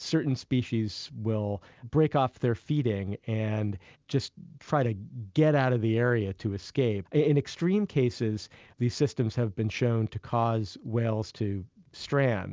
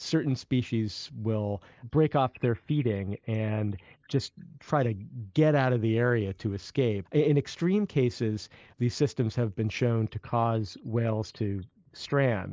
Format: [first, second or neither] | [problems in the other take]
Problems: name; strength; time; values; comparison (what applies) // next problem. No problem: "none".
first | noise reduction (neural mask model Resemble Enhance denoiser)